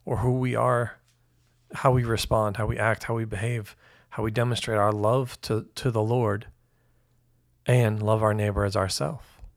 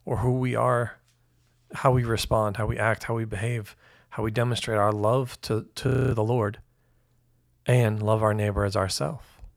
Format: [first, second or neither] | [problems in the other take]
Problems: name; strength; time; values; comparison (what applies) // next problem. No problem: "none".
first | audio freezing; at 6 s